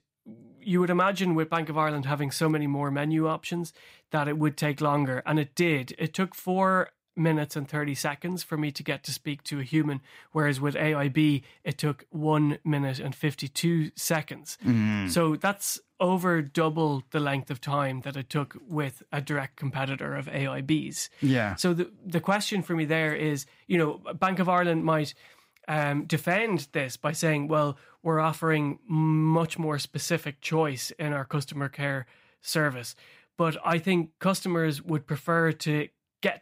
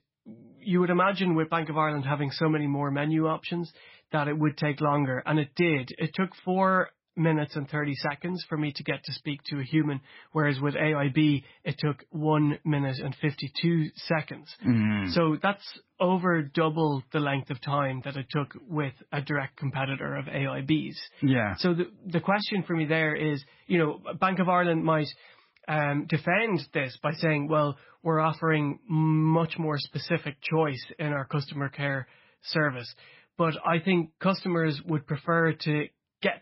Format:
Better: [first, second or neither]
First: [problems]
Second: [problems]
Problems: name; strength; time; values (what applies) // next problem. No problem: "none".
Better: first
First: none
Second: garbled, watery; badly; nothing above 5.5 kHz